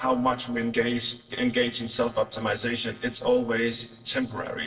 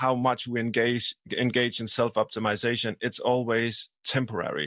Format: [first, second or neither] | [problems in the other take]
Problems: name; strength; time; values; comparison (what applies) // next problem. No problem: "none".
second | noise reduction (neural separator model SepFormer DNS4)